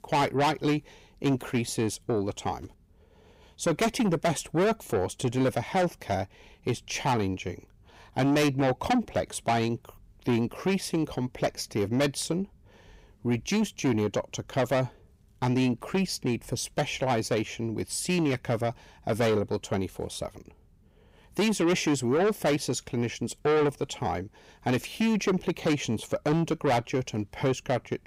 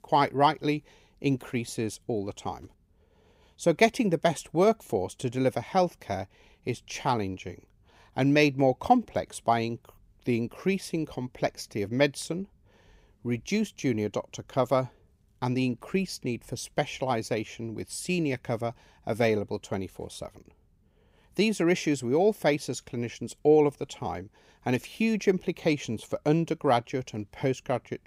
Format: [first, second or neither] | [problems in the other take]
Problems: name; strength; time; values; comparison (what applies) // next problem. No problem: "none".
second | distortion; heavy; 7 dB below the speech